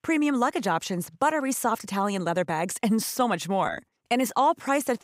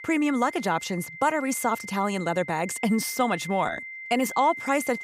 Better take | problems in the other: first | high-pitched whine; noticeable; throughout; 2 kHz, 10 dB below the speech

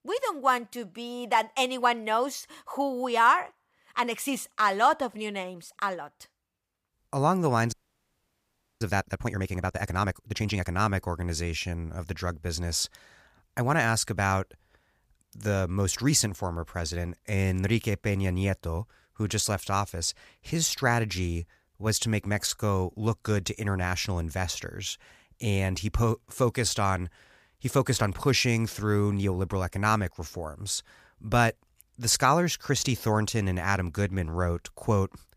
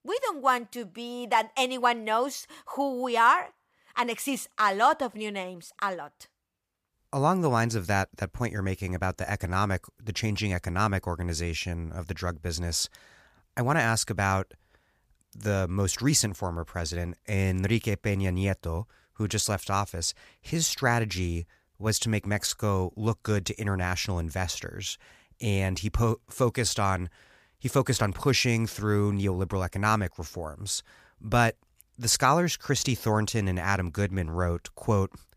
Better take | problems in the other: second | audio freezing; at 7.5 s for 1 s

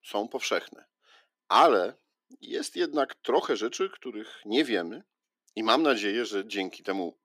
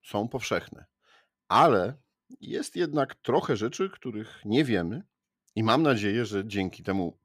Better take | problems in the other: second | thin; very slightly; fading below 300 Hz

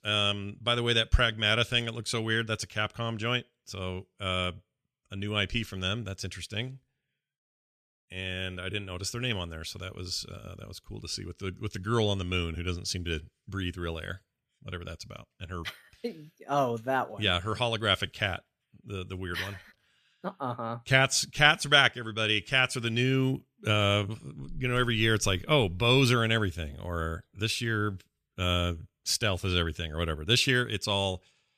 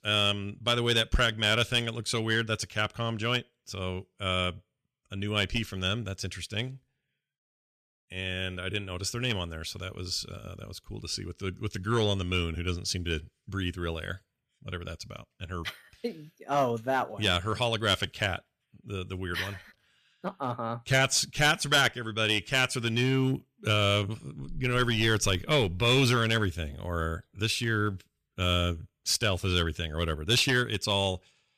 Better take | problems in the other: first | distortion; slight; 1.9% of the sound clipped

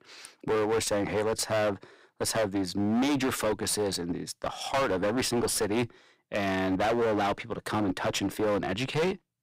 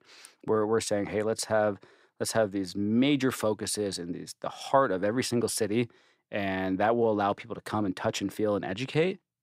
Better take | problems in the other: second | distortion; heavy; 19% of the sound clipped

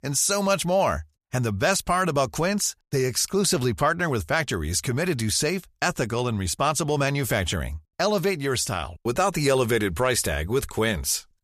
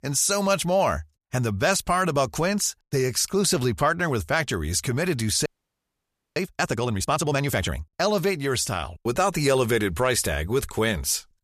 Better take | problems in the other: first | audio freezing; at 5.5 s for 1 s

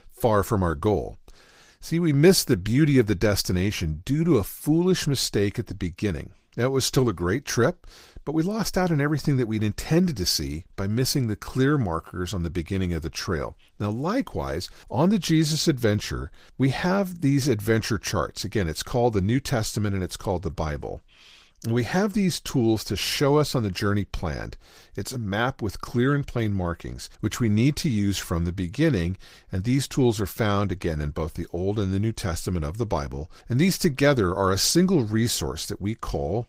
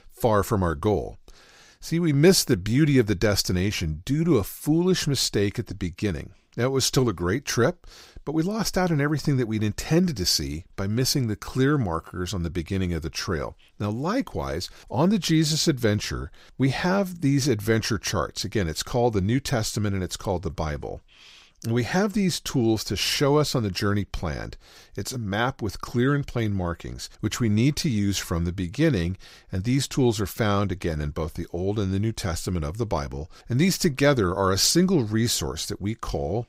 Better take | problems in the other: second | garbled, watery; slightly; nothing above 15.5 kHz

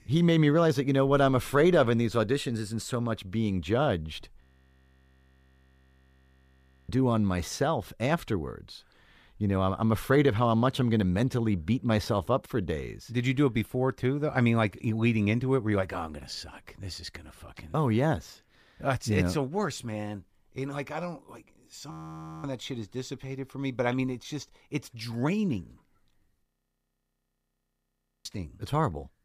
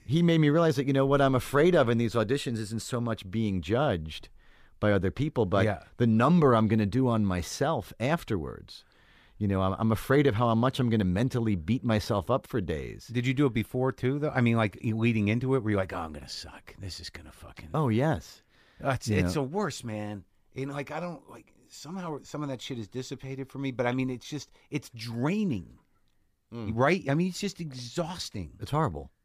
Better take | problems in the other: second | audio freezing; at 4.5 s for 2.5 s, at 22 s for 0.5 s and at 26 s for 2 s

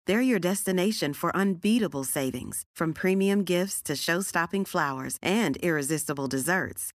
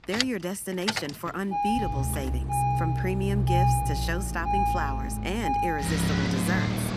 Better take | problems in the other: first | traffic noise; very loud; throughout; 4 dB above the speech

